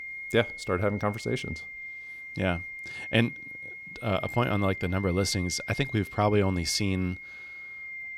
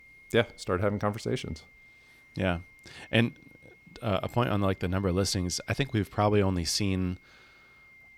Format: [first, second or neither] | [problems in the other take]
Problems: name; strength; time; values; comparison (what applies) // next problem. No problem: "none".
second | high-pitched whine; loud; throughout; 2 kHz, 10 dB below the speech; faint in the second